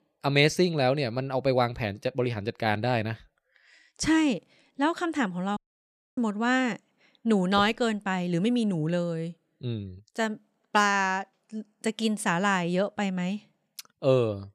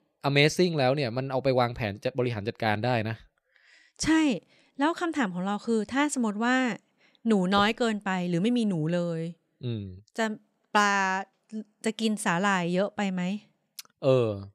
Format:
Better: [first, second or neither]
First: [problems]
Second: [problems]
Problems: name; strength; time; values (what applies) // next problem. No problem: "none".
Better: second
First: audio cutting out; at 5.5 s for 0.5 s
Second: none